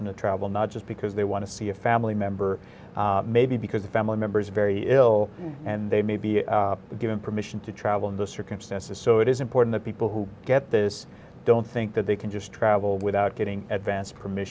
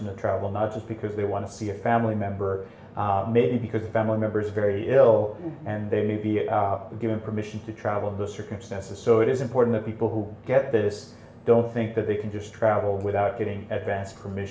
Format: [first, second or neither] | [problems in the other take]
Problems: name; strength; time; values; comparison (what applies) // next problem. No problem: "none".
first | room echo; dies away in 0.7 s